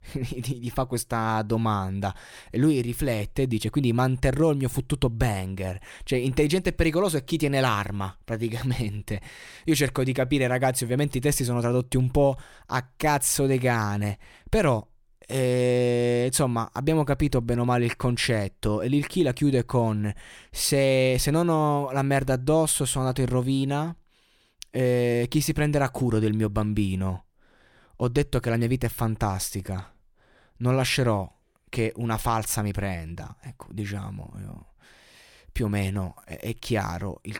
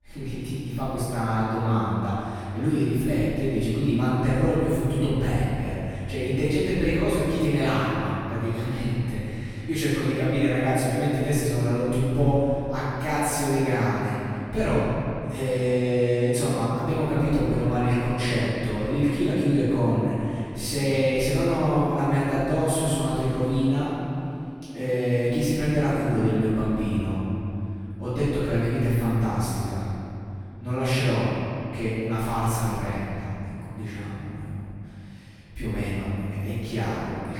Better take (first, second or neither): first